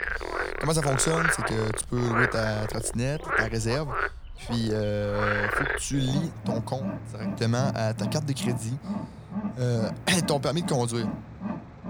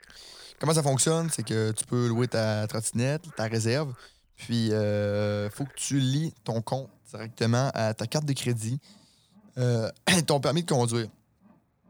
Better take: second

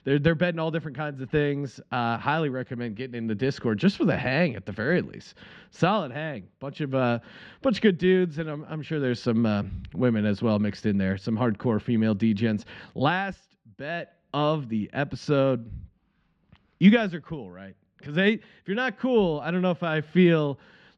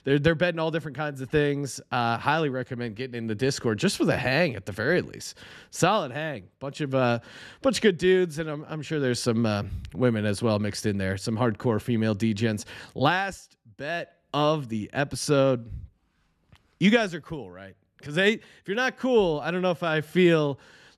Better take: second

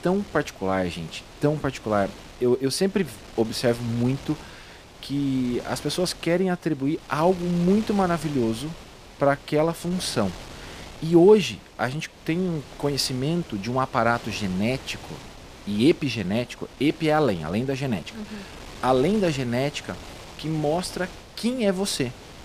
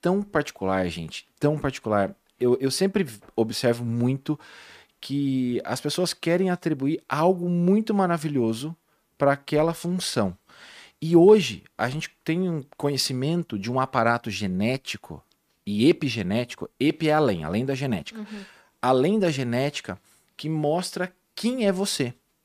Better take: second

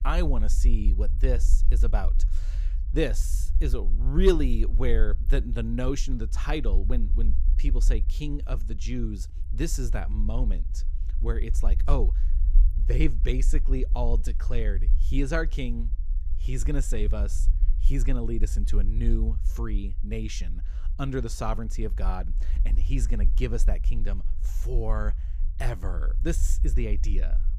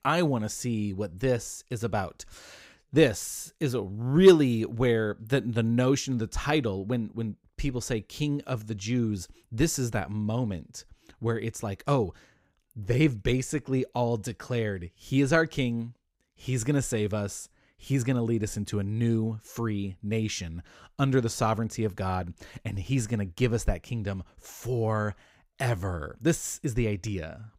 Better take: second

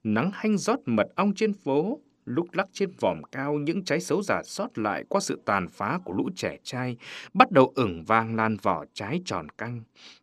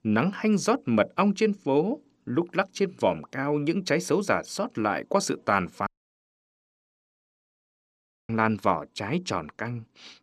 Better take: first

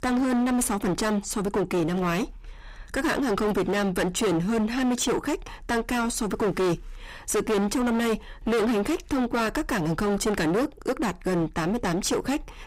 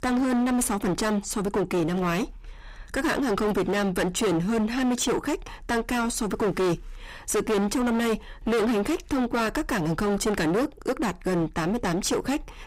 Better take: neither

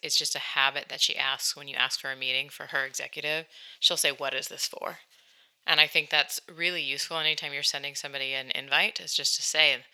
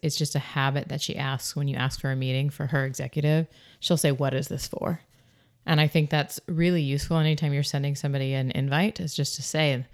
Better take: second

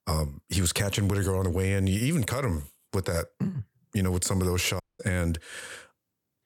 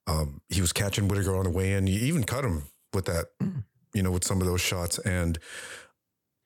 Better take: second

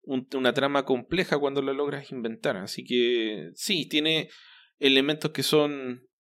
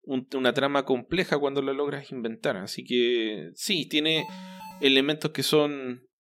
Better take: first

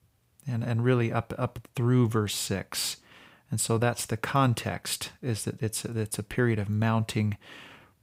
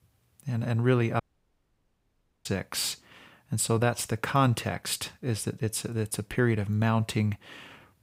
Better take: first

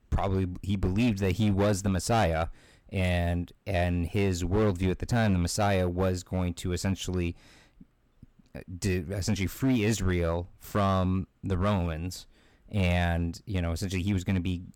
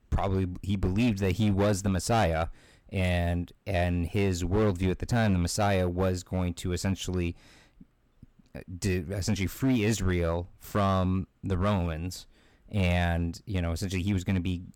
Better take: neither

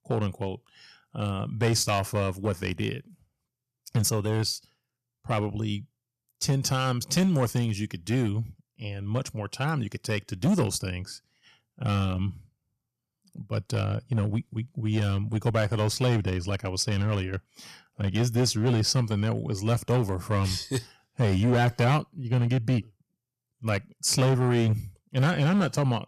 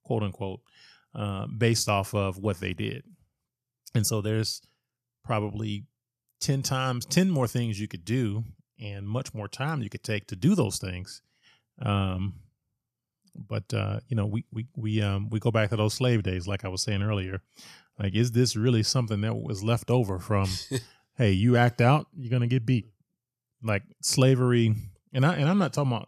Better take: second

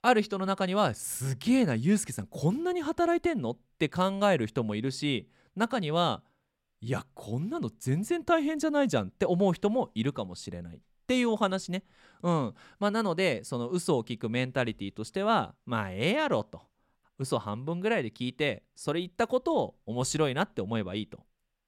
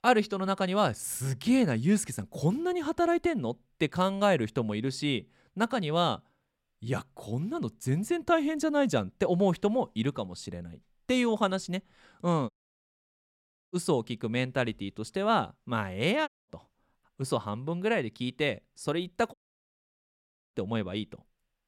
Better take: first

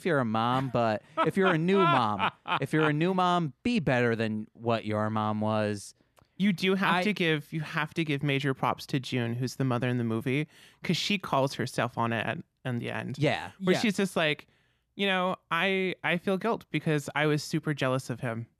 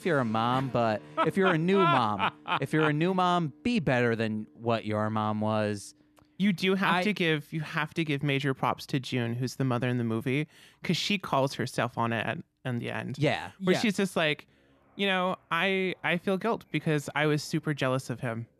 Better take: first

